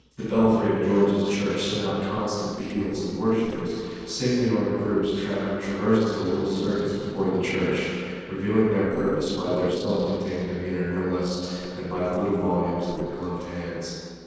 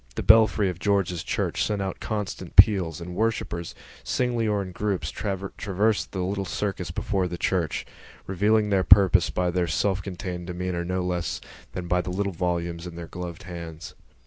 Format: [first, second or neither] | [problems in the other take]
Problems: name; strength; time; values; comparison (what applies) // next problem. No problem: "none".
second | noise reduction (neural separator model SepFormer DNS4)